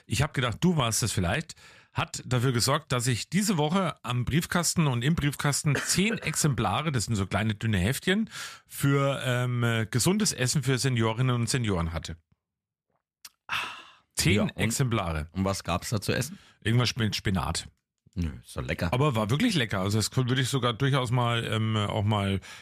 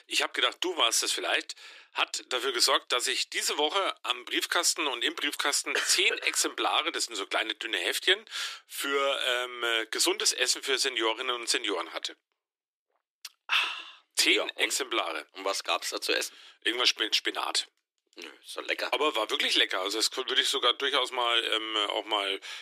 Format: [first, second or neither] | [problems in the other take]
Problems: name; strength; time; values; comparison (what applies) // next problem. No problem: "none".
first | thin; very; fading below 300 Hz